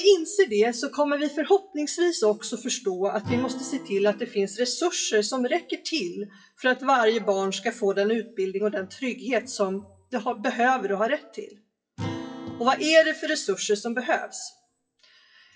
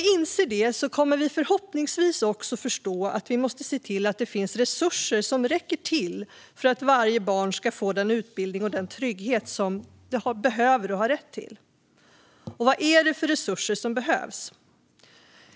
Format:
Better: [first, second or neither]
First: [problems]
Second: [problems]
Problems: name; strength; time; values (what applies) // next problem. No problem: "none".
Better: second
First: noise reduction (classical method WPE with log-MMSE)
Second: none